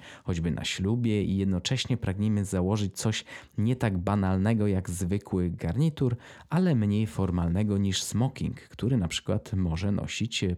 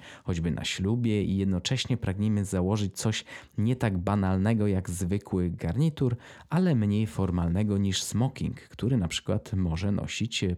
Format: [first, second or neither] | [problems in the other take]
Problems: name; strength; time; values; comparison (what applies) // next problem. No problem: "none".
neither | none